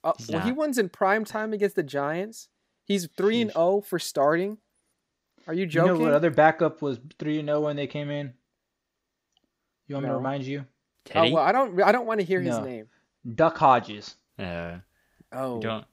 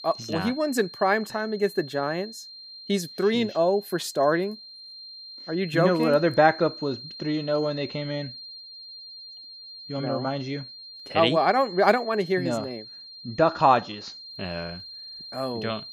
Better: first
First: none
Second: high-pitched whine; noticeable; throughout; 4 kHz, 15 dB below the speech

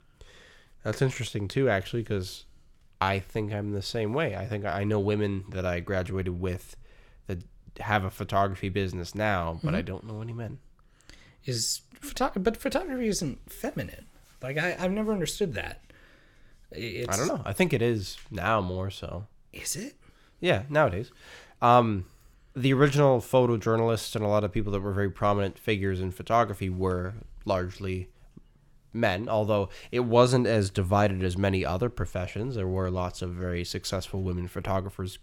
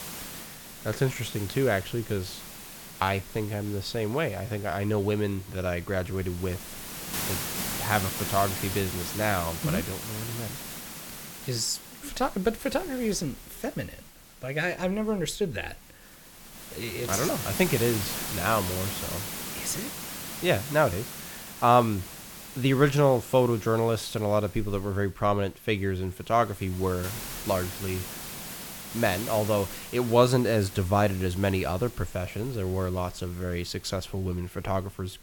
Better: first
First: none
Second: hiss; loud; throughout; 8 dB below the speech

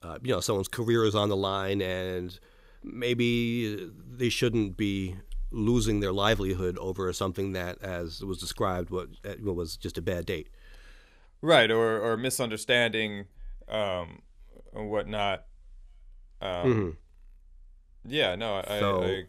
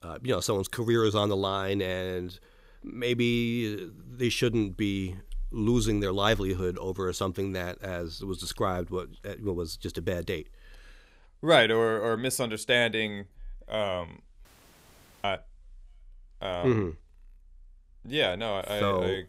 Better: first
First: none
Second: audio cutting out; at 14 s for 1 s

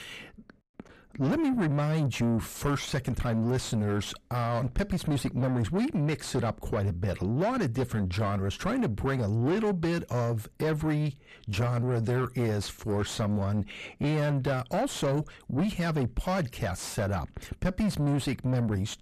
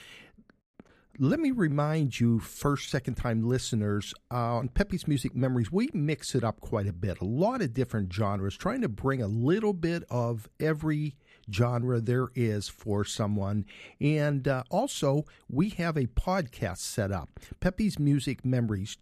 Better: second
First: distortion; heavy; 6 dB below the speech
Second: none

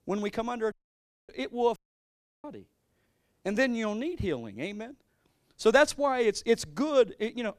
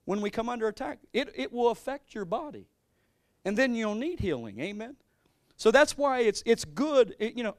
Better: second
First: audio cutting out; at 0.5 s for 0.5 s and at 2 s for 0.5 s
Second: none

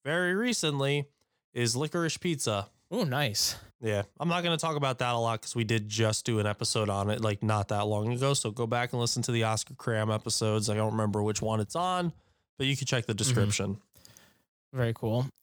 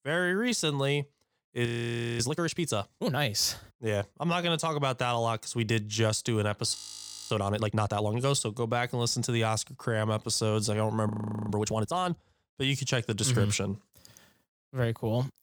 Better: first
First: none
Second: audio freezing; at 1.5 s for 0.5 s, at 7 s for 0.5 s and at 11 s

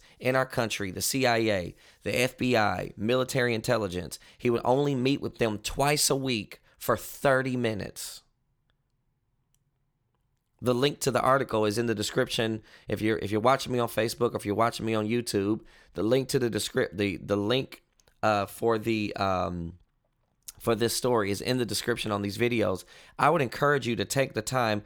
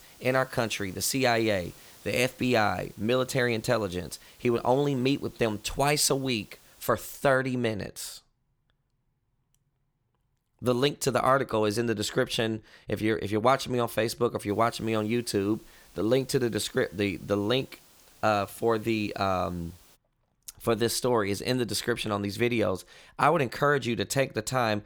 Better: first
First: none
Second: hiss; faint; until 7 s and from 14 to 20 s; 25 dB below the speech

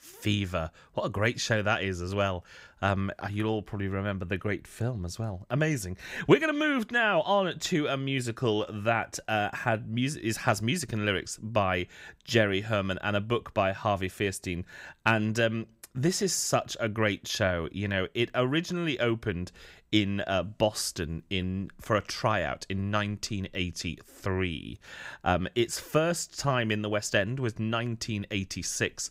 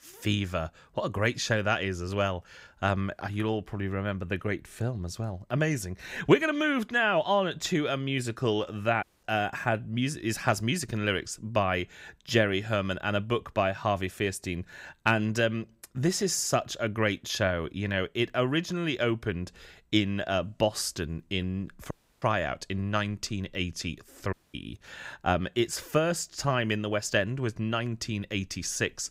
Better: first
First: none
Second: audio cutting out; at 9 s, at 22 s and at 24 s

